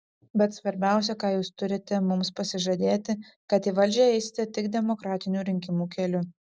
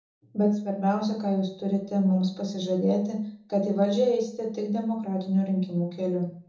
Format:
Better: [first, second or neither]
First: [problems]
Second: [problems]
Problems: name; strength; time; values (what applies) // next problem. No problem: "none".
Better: first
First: none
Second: room echo; dies away in 1 s